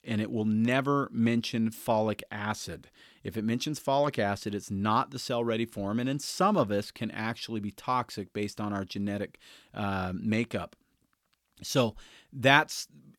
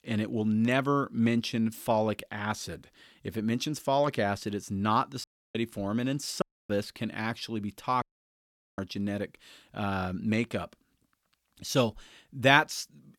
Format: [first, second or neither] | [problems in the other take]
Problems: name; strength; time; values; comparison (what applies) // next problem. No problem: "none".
first | audio cutting out; at 5 s, at 6.5 s and at 8 s for 1 s